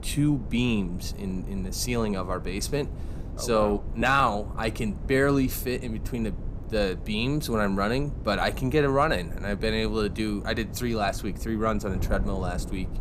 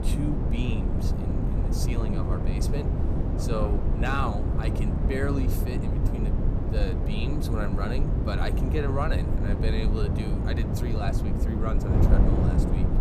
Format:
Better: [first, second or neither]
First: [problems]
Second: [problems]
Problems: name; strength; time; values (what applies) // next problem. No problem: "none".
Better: first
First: wind noise on the microphone; occasional gusts; 20 dB below the speech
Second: wind noise on the microphone; heavy; 1 dB below the speech